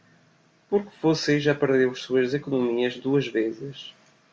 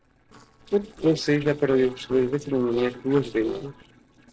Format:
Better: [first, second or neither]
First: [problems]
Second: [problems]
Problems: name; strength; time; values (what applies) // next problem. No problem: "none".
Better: first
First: none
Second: noise reduction (neural separator model SepFormer DNS4)